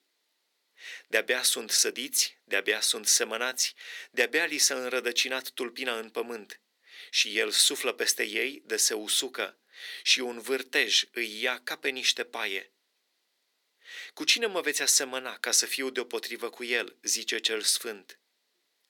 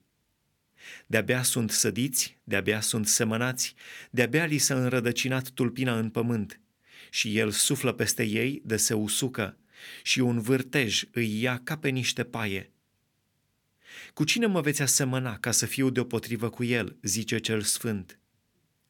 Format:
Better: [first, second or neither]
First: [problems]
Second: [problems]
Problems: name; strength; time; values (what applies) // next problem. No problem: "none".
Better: second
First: thin; very; fading below 350 Hz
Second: none